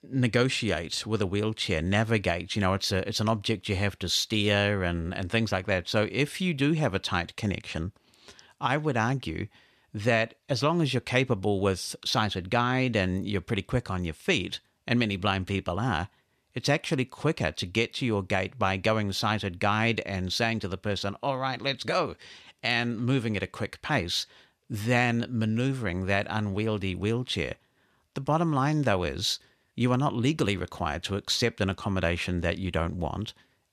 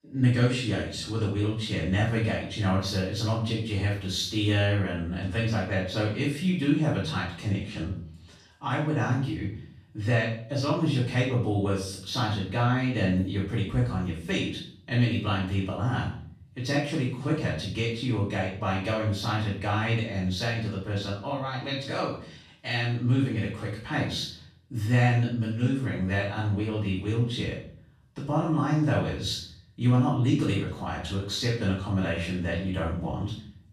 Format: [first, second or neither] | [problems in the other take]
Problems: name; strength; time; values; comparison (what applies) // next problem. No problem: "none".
first | off-mic speech; far // room echo; noticeable; dies away in 0.6 s